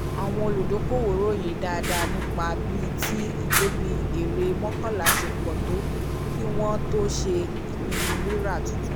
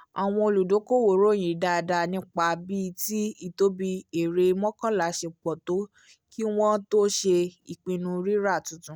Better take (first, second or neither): second